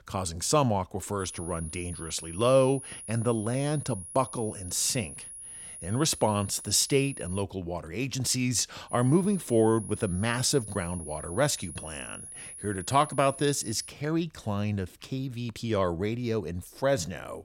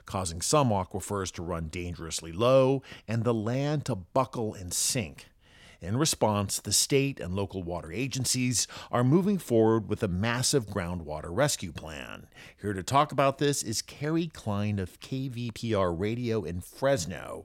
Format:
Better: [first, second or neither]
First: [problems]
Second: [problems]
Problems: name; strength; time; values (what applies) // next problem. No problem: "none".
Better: second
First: high-pitched whine; noticeable; from 1 to 7.5 s and from 9 to 14 s; 10.5 kHz, 10 dB below the speech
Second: none